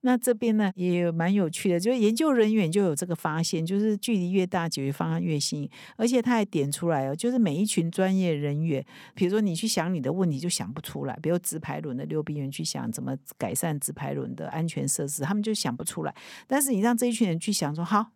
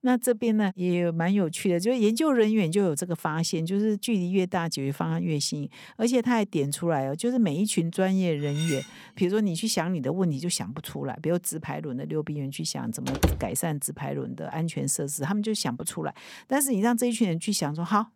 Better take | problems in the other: first | clattering dishes; noticeable; at 8.5 s; peak 8 dB below the speech // door banging; noticeable; at 13 s; peak level with the speech

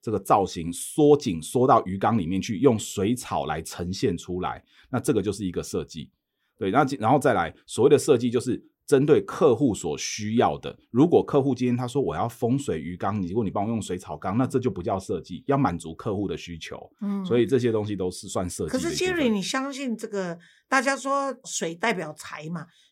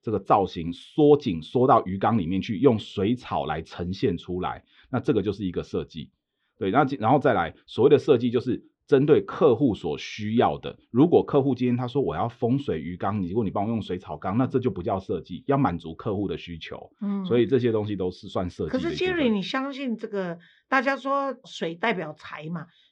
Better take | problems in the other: first | muffled; slightly; fading above 4 kHz

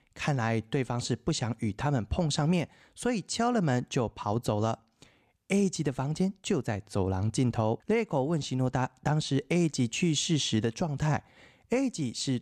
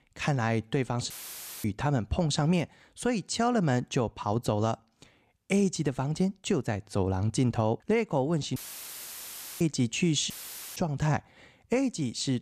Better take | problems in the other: first | audio cutting out; filled with static; at 1 s for 0.5 s, at 8.5 s for 1 s and at 10 s

